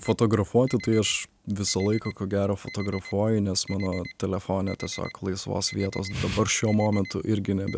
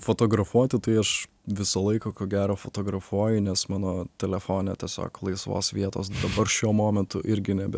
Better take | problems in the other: second | background sound (Alarm); 19 dB below the speech

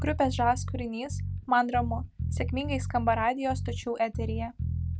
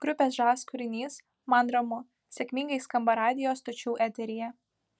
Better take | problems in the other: second | background sound (Bass guitar); 3 dB below the speech

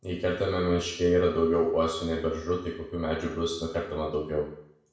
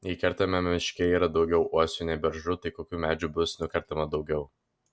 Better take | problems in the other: second | room echo; dies away in 0.7 s

